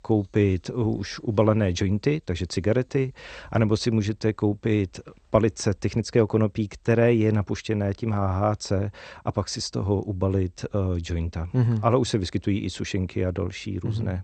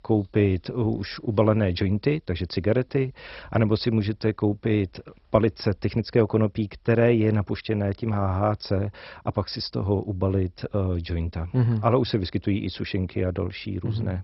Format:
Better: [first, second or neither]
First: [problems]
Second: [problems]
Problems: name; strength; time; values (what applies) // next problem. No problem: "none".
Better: first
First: garbled, watery; slightly; nothing above 8.5 kHz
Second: garbled, watery; badly; nothing above 5.5 kHz